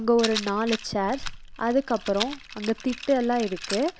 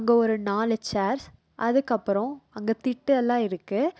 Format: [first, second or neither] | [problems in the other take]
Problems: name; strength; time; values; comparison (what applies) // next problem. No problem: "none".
second | background sound (Rattle); 10 dB below the speech